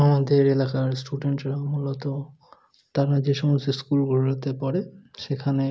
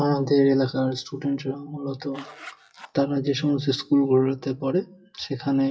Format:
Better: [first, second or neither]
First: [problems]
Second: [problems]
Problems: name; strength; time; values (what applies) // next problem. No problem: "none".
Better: first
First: none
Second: noise reduction (classical method WPE with log-MMSE)